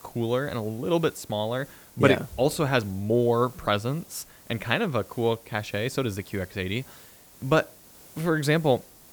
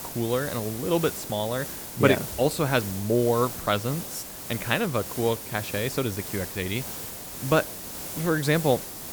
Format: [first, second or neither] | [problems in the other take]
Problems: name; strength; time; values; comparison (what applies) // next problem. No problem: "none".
first | hiss; loud; throughout; 8 dB below the speech; faint in the first